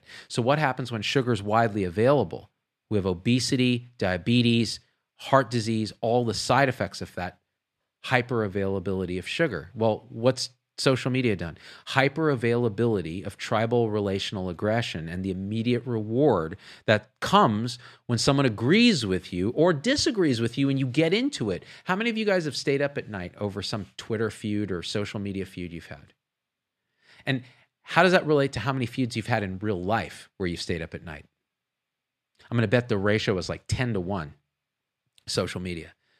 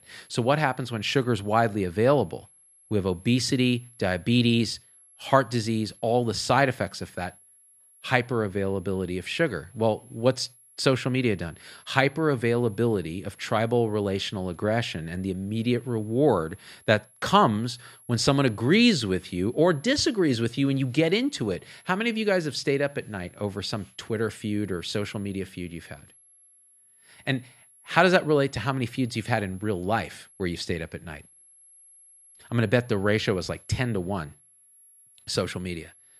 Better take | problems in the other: first | high-pitched whine; faint; throughout; 11 kHz, 25 dB below the speech

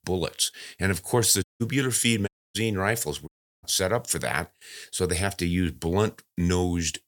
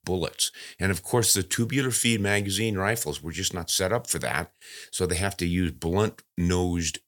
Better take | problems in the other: second | audio cutting out; at 1.5 s, at 2.5 s and at 3.5 s

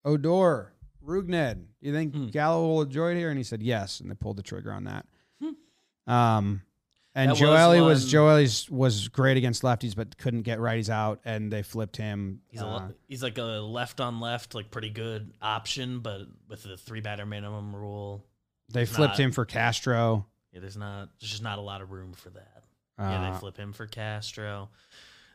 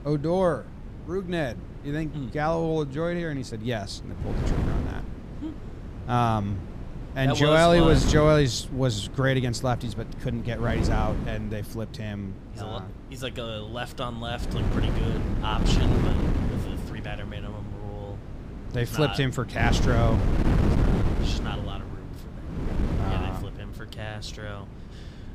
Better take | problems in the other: first | wind noise on the microphone; heavy; 9 dB below the speech

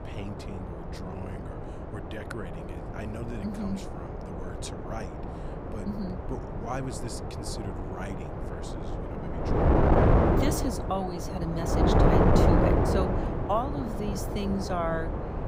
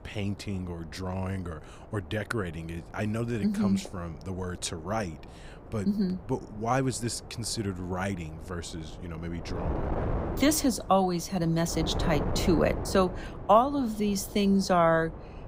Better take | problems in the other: second | wind noise on the microphone; heavy; 4 dB above the speech; occasional gusts in the second

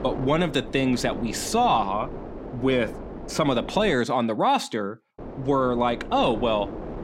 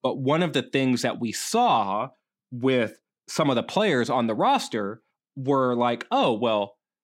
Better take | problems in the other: second | wind noise on the microphone; occasional gusts; until 4 s and from 5 s on; 15 dB below the speech

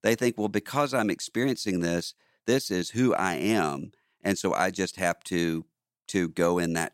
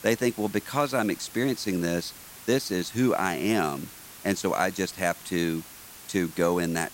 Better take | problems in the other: first | hiss; noticeable; throughout; 15 dB below the speech

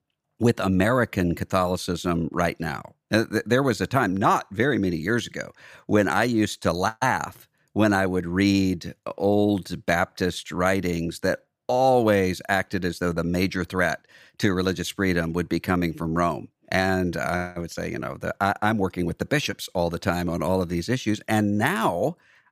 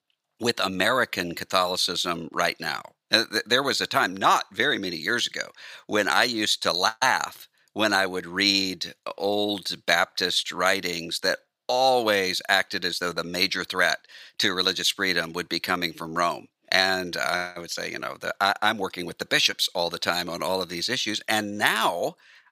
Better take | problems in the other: first | thin; somewhat; fading below 1 kHz

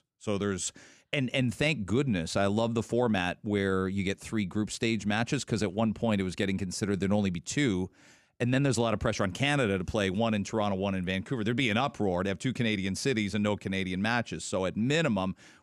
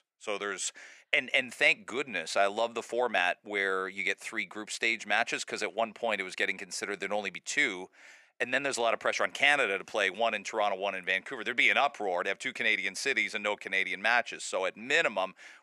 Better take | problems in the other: first | thin; very; fading below 600 Hz

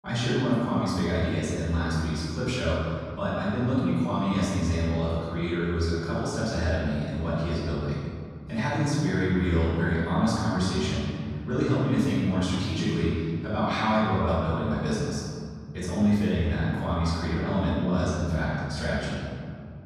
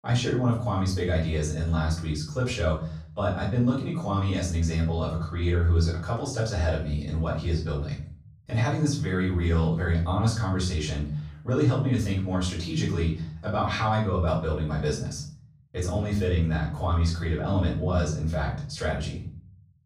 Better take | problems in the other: second | room echo; strong; dies away in 2.1 s; slight in the second // off-mic speech; far; far in the second

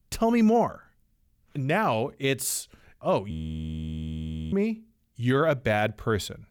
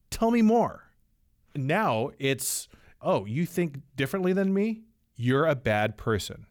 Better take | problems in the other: second | audio freezing; at 3.5 s for 1 s

